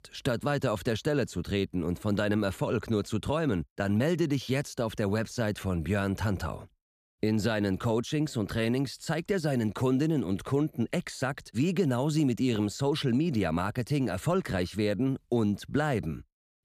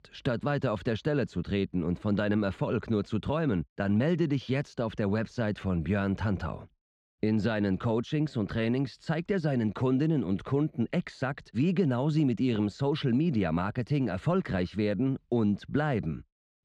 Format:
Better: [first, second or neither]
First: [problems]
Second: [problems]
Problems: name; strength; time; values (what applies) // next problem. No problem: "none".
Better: first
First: none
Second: muffled; very slightly; fading above 3.5 kHz